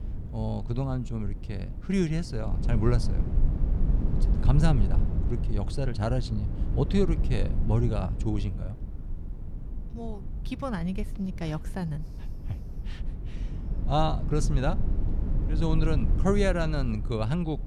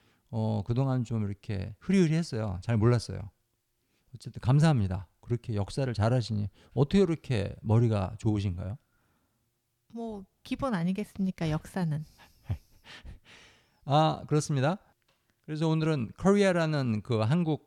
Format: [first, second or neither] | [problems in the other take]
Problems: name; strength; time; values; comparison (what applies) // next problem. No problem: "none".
second | low rumble; noticeable; throughout; 10 dB below the speech